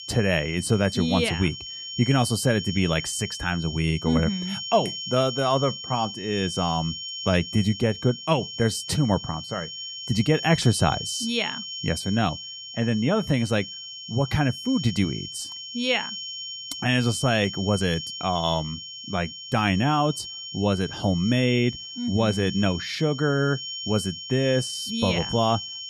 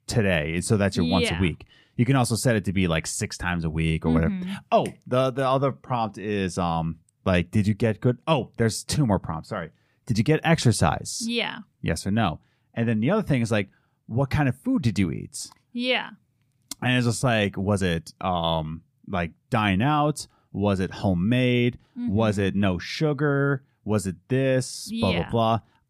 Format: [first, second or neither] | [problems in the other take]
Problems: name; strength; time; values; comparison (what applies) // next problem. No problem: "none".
second | high-pitched whine; loud; throughout; 3 kHz, 8 dB below the speech